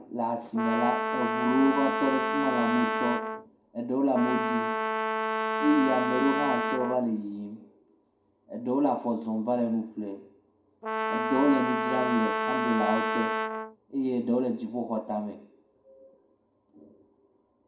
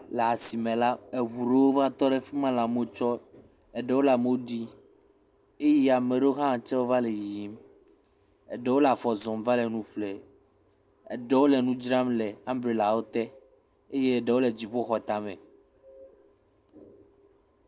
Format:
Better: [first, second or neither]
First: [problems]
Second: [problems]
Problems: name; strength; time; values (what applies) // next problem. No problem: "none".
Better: second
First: background sound (Brass instrument); as loud as the speech // room echo; dies away in 0.4 s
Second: none